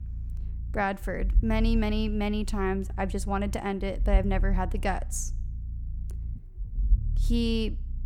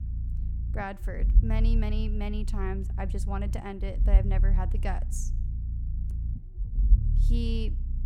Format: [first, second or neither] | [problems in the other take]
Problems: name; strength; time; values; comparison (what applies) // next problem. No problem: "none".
first | low rumble; loud; throughout; 10 dB below the speech; faint in the first